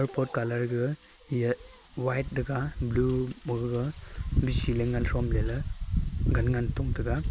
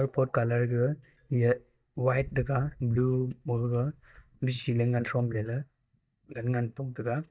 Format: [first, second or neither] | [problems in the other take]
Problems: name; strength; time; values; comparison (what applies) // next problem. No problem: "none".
first | noise reduction (neural mask model DeepFilterNet 3)